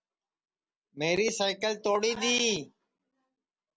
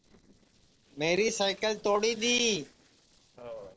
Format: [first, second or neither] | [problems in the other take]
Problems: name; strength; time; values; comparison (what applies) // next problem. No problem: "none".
first | noise reduction (neural separator model SepFormer DNS4)